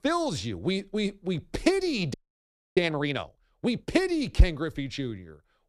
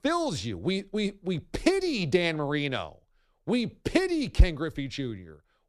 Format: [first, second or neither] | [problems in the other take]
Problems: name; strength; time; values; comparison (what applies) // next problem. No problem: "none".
second | audio freezing; at 2 s for 0.5 s